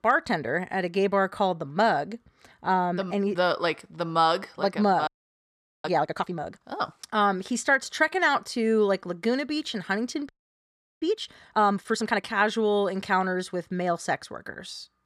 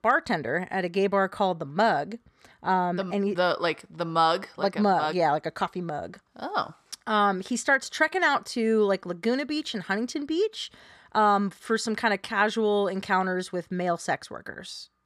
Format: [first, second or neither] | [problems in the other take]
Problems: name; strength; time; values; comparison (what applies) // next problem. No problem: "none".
second | audio freezing; at 5 s for 1 s and at 10 s for 0.5 s